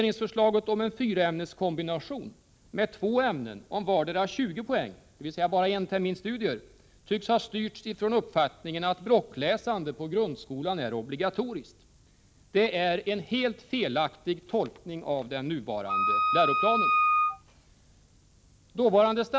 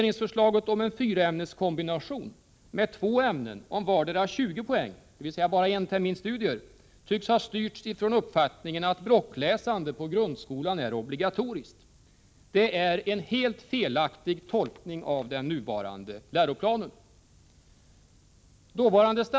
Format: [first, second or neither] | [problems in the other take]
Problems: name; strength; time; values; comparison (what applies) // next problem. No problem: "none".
second | background sound (Wind instrument, woodwind instrument); 3 dB above the speech